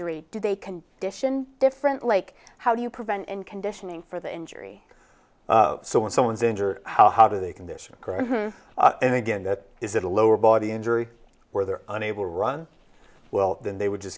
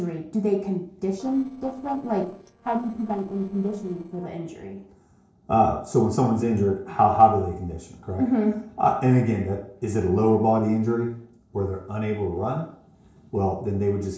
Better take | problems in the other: first | noise reduction (neural separator model SepFormer DNS4)

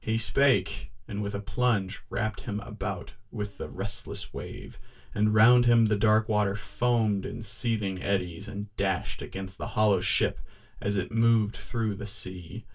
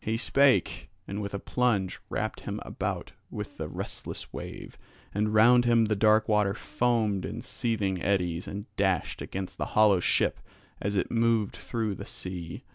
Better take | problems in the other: second | room echo; dies away in 0.1 s

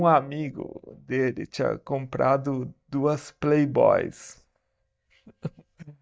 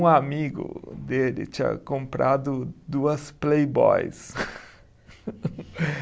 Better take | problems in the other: second | noise reduction (neural mask model DeepFilterNet 3)

